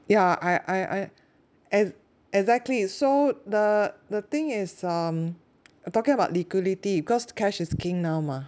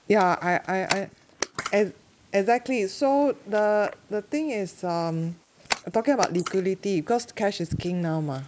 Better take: first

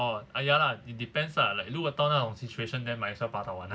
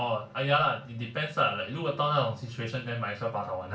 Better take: first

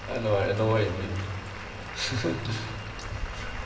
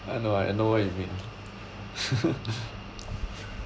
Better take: second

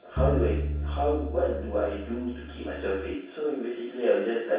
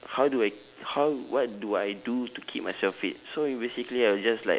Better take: second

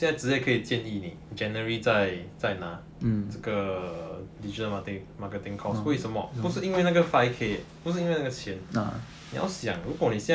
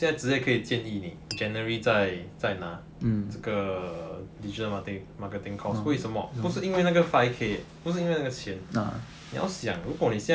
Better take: first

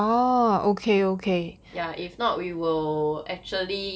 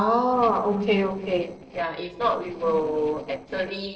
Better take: first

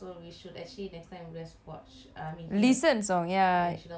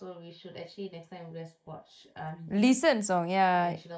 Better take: first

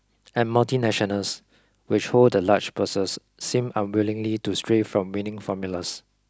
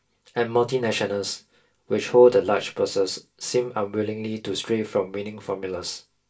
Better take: first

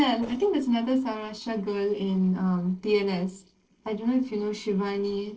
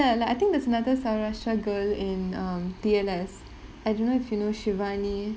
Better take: second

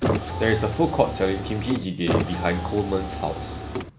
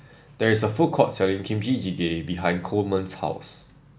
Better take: second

